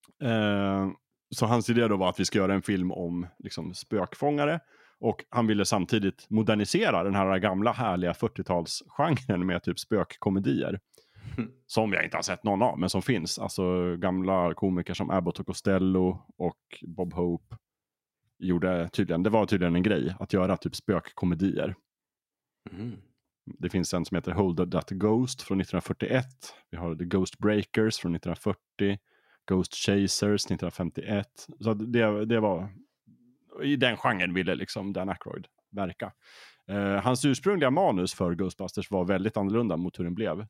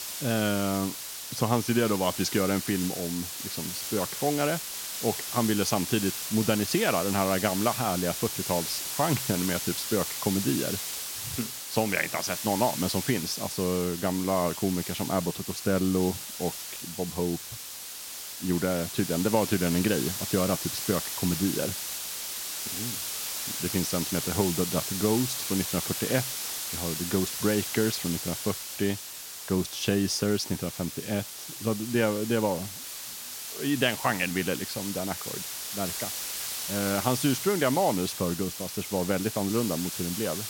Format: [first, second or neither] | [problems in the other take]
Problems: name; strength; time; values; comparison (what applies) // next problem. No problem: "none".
first | hiss; loud; throughout; 4 dB below the speech